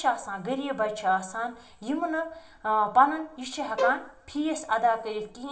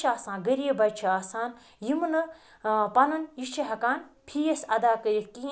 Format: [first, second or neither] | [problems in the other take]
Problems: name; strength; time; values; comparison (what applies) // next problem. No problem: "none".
second | background sound (Bowed string instrument); 5 dB below the speech // room echo; dies away in 0.9 s